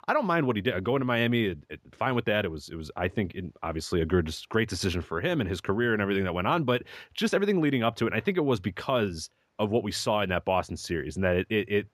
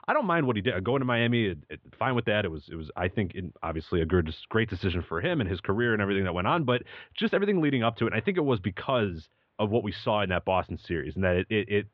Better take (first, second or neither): first